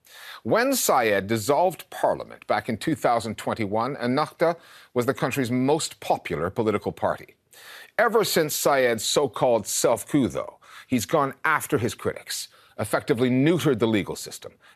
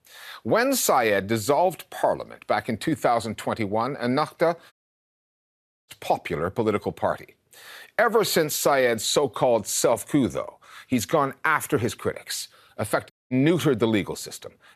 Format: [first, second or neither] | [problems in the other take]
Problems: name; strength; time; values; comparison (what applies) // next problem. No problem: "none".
first | audio cutting out; at 4.5 s for 1 s and at 13 s